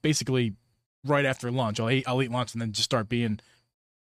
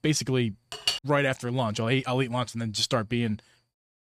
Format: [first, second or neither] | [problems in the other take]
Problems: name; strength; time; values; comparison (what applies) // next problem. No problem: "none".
first | clattering dishes; noticeable; at 0.5 s; peak 1 dB below the speech